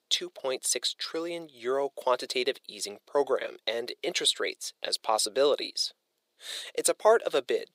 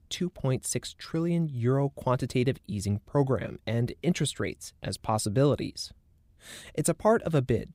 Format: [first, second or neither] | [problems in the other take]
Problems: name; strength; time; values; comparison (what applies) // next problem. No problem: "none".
second | thin; very; fading below 450 Hz